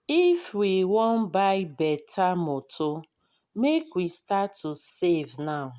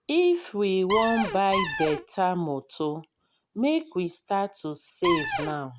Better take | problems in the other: first | background sound (Cupboard open or close); 3 dB below the speech

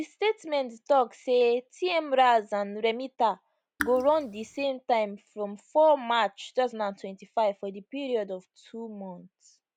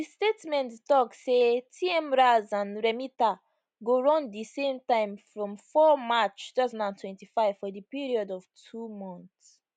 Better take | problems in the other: second | background sound (Raindrop / Drip); 10 dB below the speech

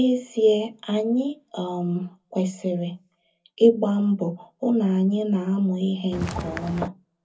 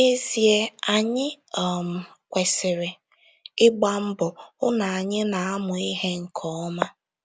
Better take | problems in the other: second | background sound (Walk, footsteps); 8 dB below the speech // room echo; dies away in 0.3 s

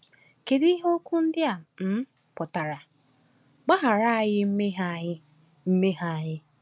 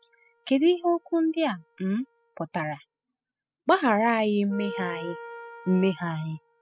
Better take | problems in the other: first | noise reduction (classical method spectral subtraction)

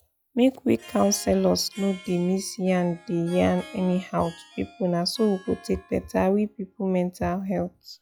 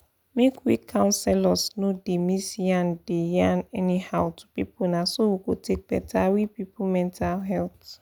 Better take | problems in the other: second | noise reduction (classical method log-MMSE)

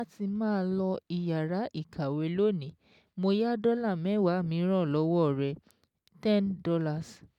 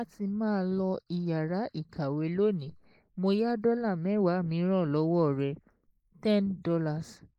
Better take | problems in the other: first | noise reduction (neural mask model Resemble Enhance denoiser)

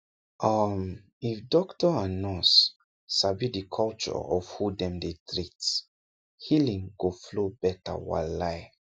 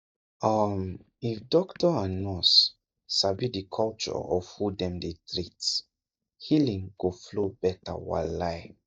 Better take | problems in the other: first | noise reduction (neural mask model DeepFilterNet 3)

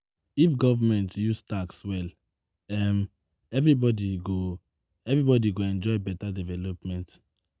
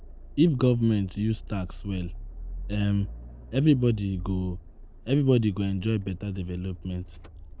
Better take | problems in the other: first | background sound (Accelerating, revving, vroom); 13 dB below the speech

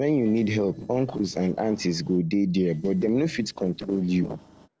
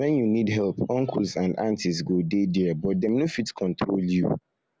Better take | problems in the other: second | noise reduction (neural separator model SepFormer DNS4)

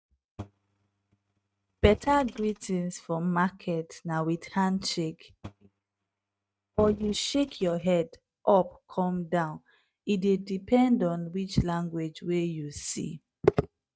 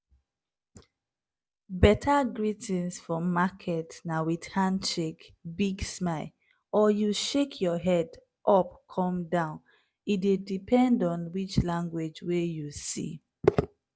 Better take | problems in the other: second | noise reduction (neural mask model RNNoise)

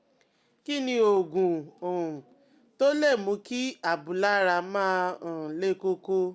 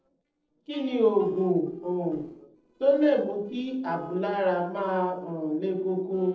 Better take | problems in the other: first | noise reduction (neural separator model SepFormer DNS4)

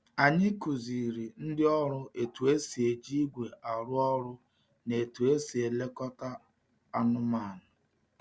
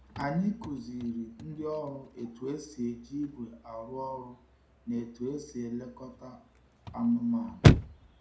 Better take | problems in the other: first | background sound (Chirp, tweet / Slam / Car); 3 dB above the speech // room echo; dies away in 0.4 s

